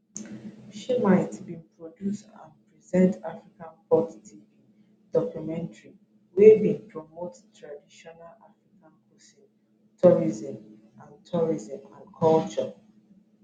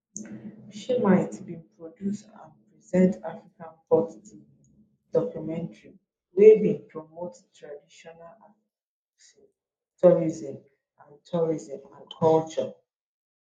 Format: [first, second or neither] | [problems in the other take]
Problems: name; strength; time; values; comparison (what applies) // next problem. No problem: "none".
first | noise reduction (neural mask model Resemble Enhance denoiser)